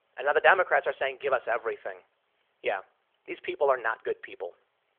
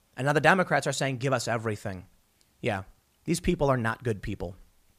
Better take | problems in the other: second | phone-call audio

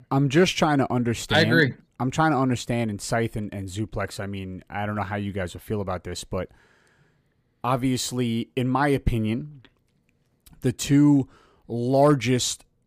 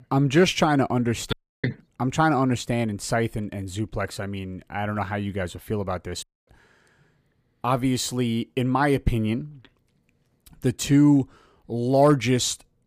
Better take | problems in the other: first | audio cutting out; at 1.5 s and at 6 s

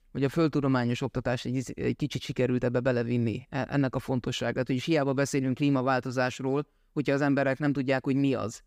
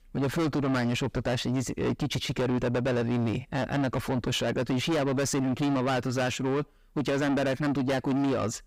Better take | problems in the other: first | distortion; heavy; 6 dB below the speech

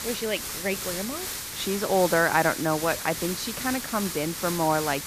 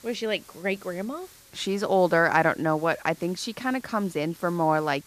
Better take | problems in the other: second | hiss; loud; throughout; 5 dB below the speech; faint in the second

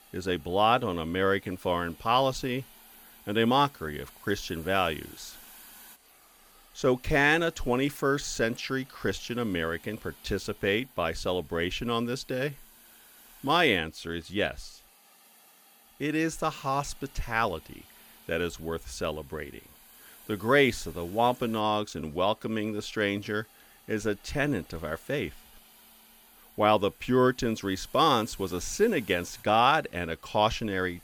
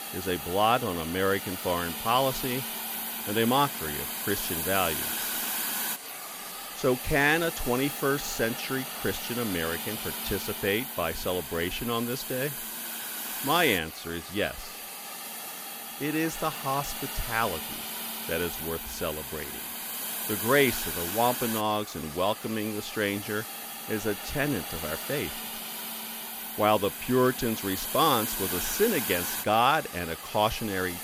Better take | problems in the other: first | hiss; loud; throughout; 4 dB below the speech; faint in the first

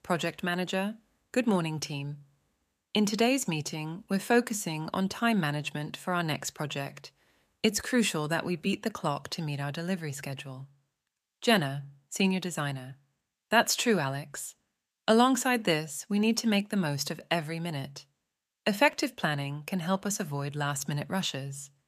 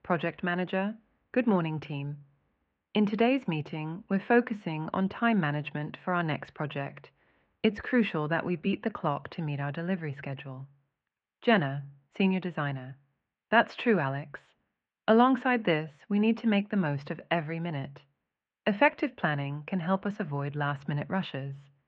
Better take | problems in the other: first | muffled; very; fading above 2.5 kHz

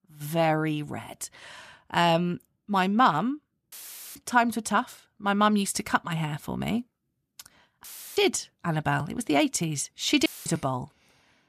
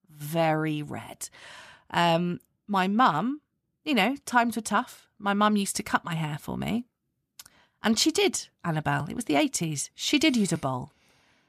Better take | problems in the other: second | audio cutting out; filled with static; at 3.5 s, at 8 s and at 10 s

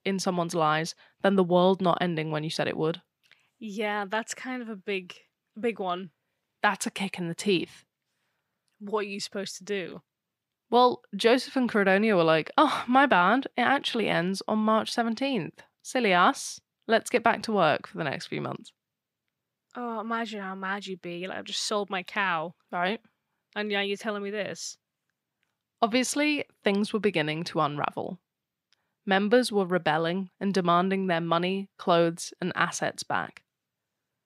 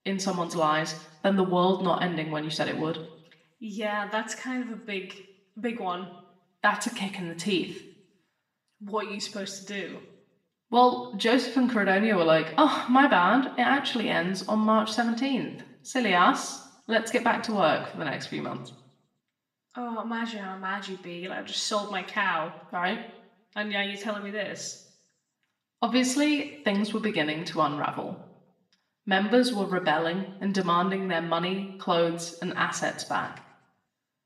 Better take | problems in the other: first | room echo; slight; dies away in 0.7 s // off-mic speech; somewhat distant

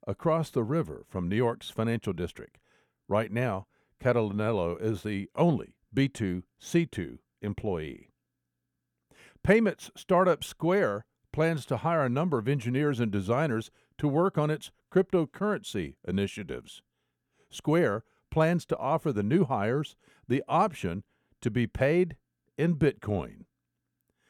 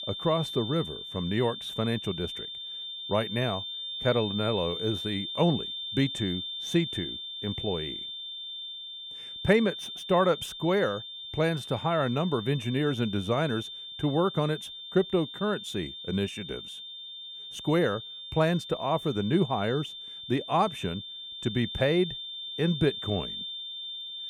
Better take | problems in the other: first | high-pitched whine; loud; throughout; 3.5 kHz, 7 dB below the speech

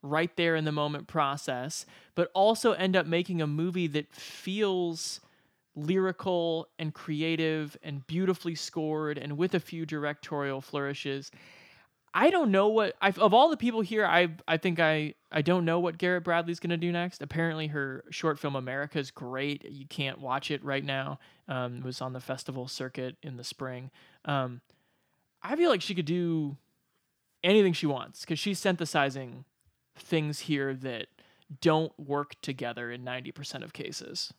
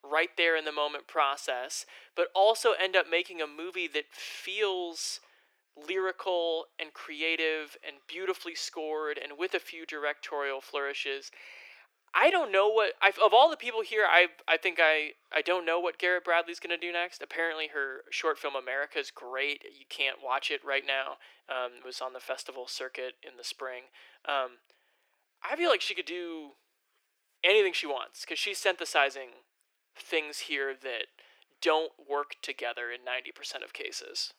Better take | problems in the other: first | thin; very; fading below 400 Hz

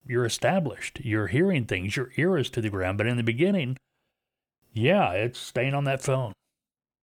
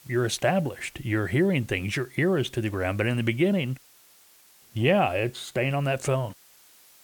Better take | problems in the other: first | hiss; faint; throughout; 25 dB below the speech

